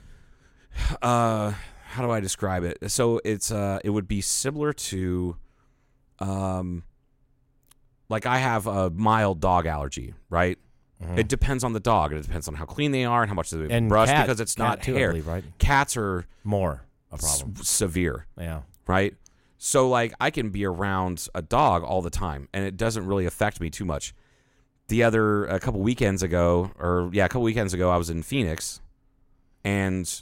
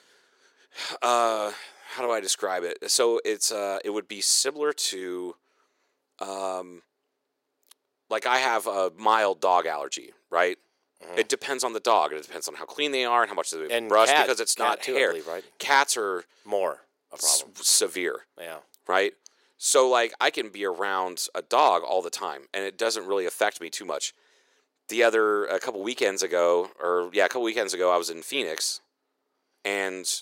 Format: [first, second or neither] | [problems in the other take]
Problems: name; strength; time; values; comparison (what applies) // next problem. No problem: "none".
first | thin; very; fading below 400 Hz